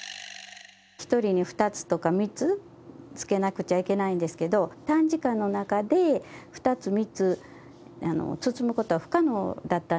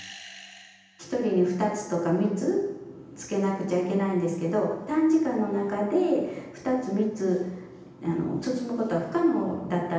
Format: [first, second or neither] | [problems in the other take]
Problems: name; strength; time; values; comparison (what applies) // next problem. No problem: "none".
first | room echo; dies away in 0.9 s